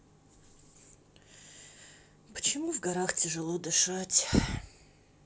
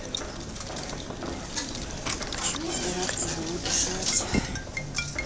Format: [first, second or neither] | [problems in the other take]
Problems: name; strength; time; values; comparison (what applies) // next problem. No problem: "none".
first | background sound (Knock); 2 dB above the speech